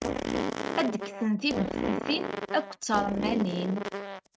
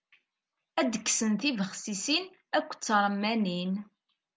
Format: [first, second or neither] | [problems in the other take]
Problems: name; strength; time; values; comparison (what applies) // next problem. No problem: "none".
second | noise reduction (neural mask model RNNoise)